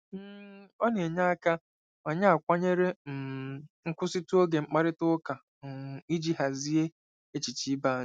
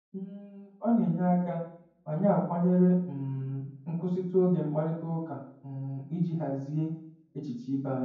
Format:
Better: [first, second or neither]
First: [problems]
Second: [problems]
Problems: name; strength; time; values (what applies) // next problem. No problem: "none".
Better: first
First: none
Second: room echo; dies away in 0.9 s